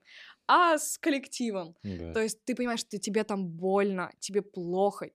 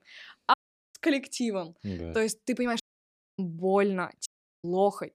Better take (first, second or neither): first